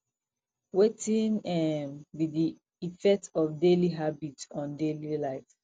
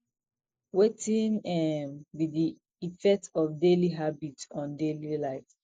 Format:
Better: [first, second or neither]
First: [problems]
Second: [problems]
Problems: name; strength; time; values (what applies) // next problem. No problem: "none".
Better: first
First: none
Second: noise reduction (neural mask model Resemble Enhance denoiser)